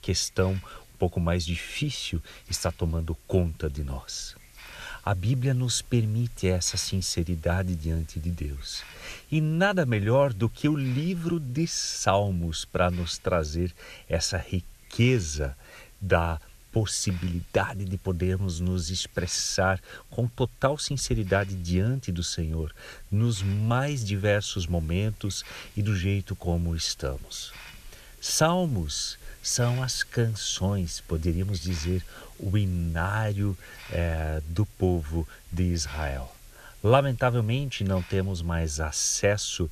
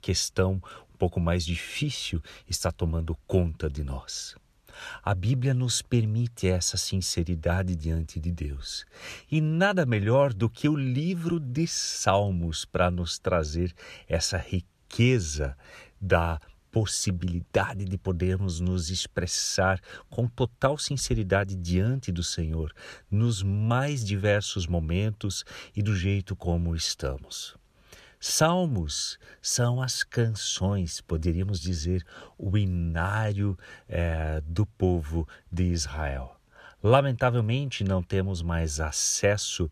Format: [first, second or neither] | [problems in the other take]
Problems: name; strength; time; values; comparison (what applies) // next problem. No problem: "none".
second | hiss; faint; throughout; 20 dB below the speech